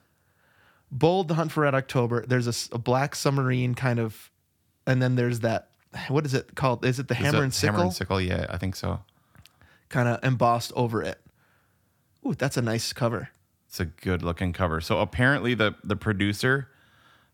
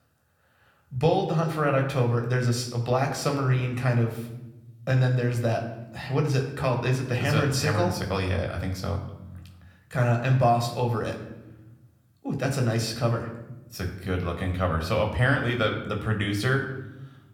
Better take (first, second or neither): first